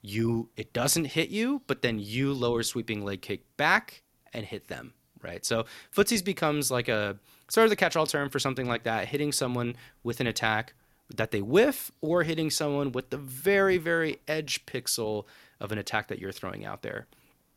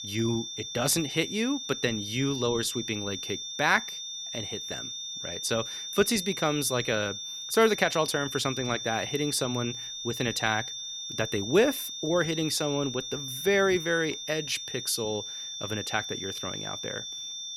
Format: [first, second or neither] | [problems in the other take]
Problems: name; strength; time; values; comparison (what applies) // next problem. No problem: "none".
first | high-pitched whine; loud; throughout; 3.5 kHz, 6 dB below the speech